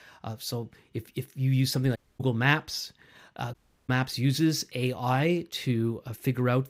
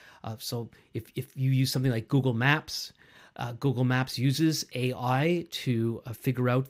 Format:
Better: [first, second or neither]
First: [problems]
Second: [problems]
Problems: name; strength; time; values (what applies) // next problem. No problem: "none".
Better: second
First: audio cutting out; at 2 s and at 3.5 s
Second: none